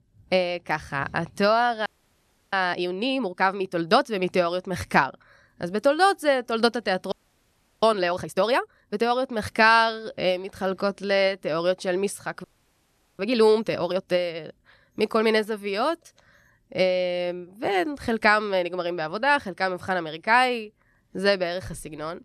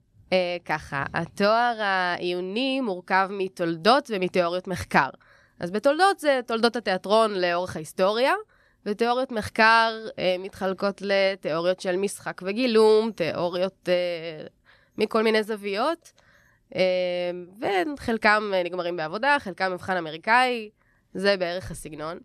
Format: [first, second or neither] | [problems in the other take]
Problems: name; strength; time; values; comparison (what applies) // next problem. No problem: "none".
second | audio freezing; at 2 s for 0.5 s, at 7 s for 0.5 s and at 12 s for 1 s